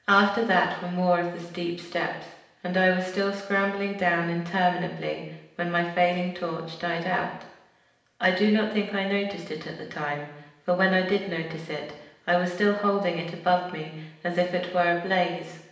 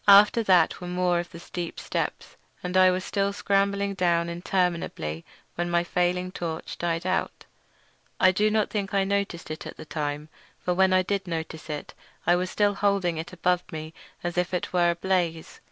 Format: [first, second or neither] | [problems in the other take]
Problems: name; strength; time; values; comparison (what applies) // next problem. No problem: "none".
second | room echo; dies away in 0.8 s